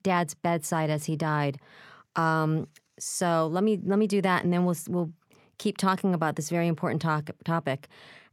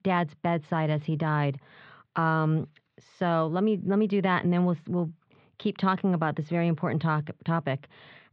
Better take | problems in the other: first | muffled; very; fading above 3.5 kHz

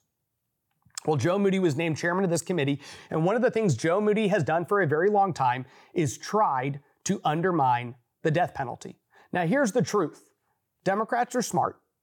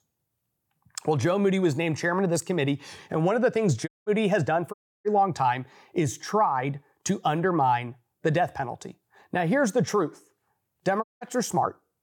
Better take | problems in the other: first | audio cutting out; at 4 s, at 4.5 s and at 11 s

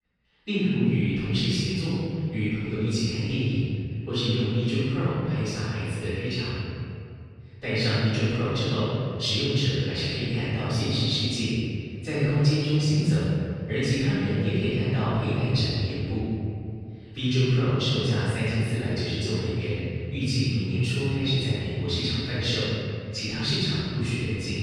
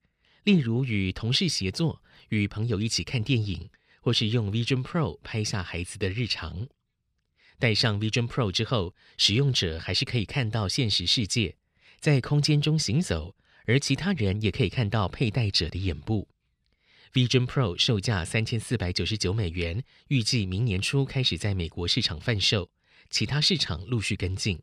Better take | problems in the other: second | off-mic speech; far // room echo; strong; dies away in 2.3 s

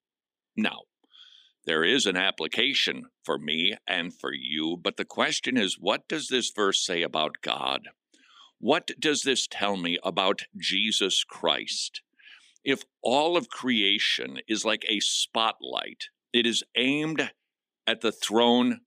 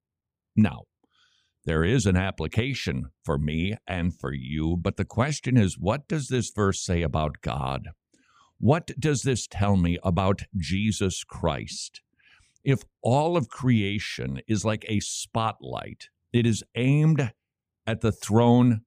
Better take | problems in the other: second | thin; somewhat; fading below 300 Hz

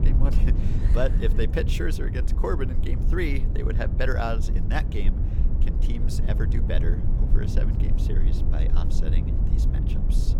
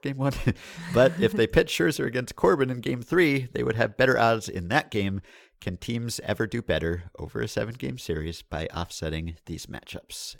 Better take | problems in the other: second | low rumble; loud; throughout; 7 dB below the speech

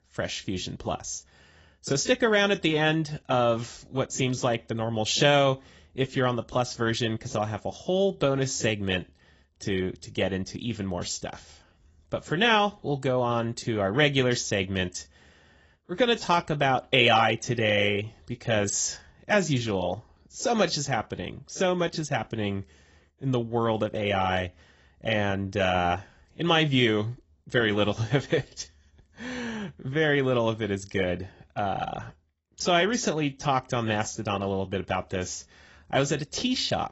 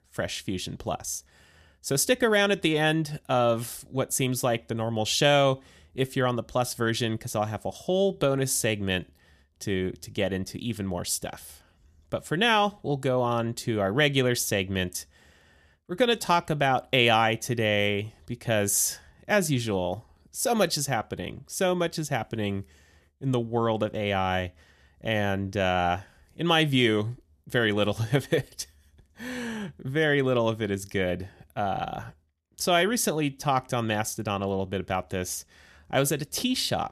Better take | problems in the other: second | garbled, watery; badly; nothing above 7.5 kHz

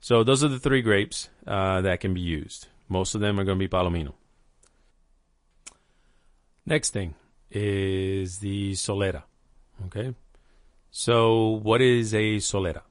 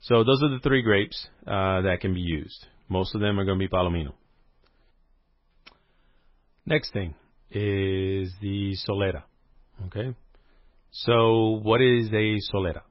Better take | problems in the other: first | garbled, watery; badly; nothing above 5.5 kHz; slightly in the first

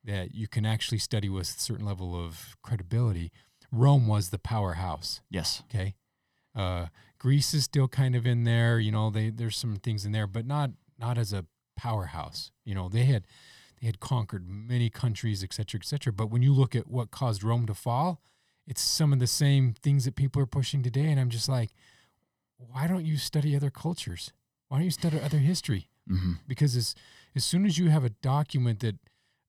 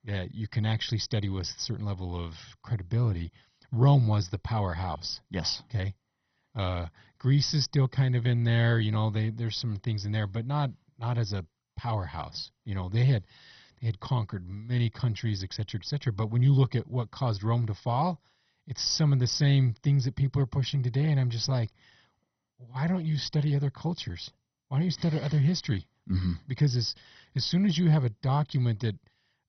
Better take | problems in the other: first | garbled, watery; badly; nothing above 6 kHz

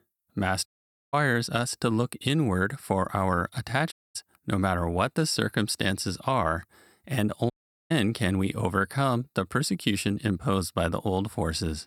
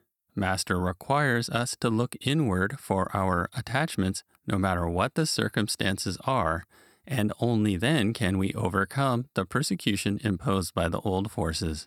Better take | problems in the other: second | audio cutting out; at 0.5 s, at 4 s and at 7.5 s

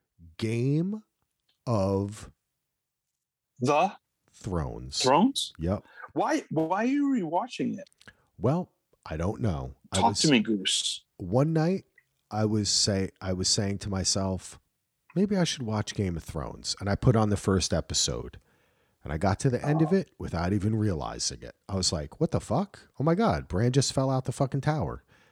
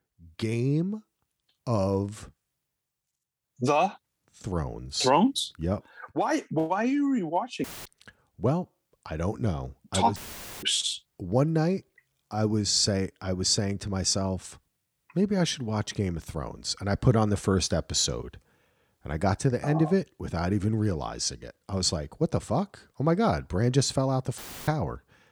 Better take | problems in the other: first | audio cutting out; filled with static; at 7.5 s, at 10 s and at 24 s

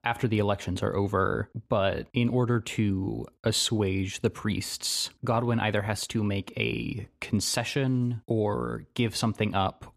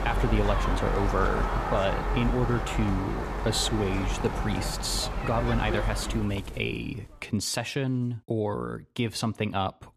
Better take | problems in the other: first | animal sounds; loud; until 6.5 s; 2 dB below the speech

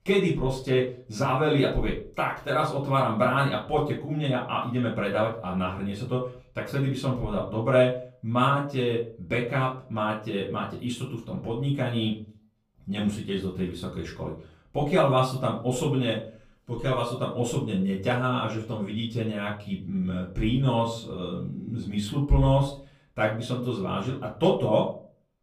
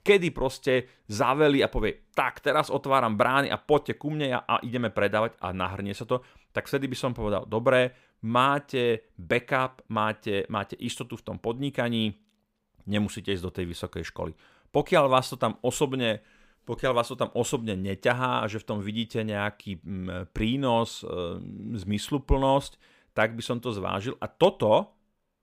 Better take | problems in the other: second | off-mic speech; far // room echo; slight; dies away in 0.4 s

